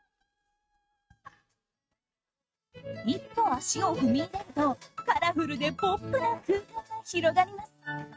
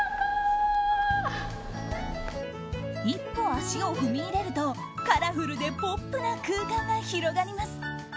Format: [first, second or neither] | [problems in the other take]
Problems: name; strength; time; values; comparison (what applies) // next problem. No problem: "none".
second | noise reduction (neural mask model RNNoise)